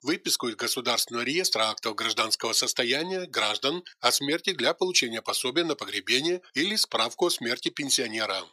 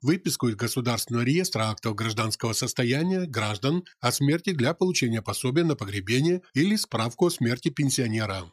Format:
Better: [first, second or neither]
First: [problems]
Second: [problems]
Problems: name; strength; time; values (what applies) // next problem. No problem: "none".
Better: second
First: thin; somewhat; fading below 500 Hz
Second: none